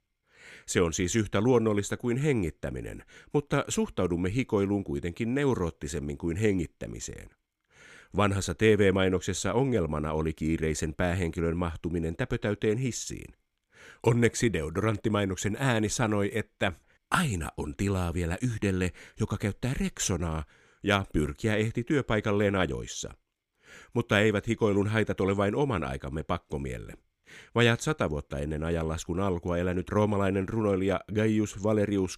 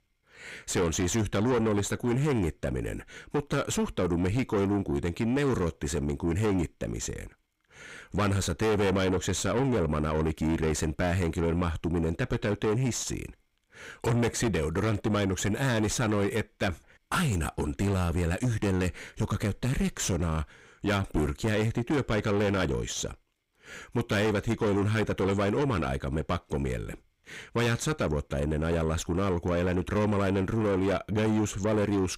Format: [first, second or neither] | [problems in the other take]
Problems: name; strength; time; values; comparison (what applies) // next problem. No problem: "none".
first | distortion; heavy; 7 dB below the speech